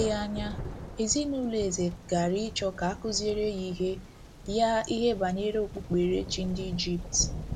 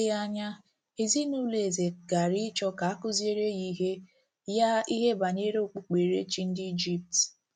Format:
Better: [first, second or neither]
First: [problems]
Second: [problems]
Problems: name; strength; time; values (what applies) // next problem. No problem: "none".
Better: second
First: background sound (Thunder); 10 dB below the speech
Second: none